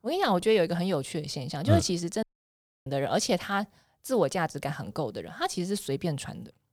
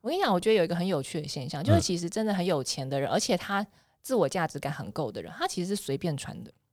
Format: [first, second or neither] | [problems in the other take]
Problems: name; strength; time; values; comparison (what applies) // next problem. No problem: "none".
second | audio cutting out; at 2 s for 0.5 s